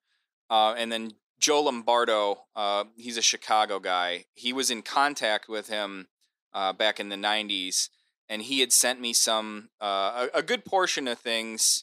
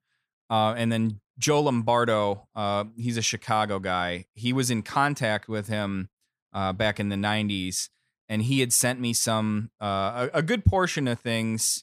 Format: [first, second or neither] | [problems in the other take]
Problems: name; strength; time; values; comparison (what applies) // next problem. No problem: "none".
second | thin; somewhat; fading below 300 Hz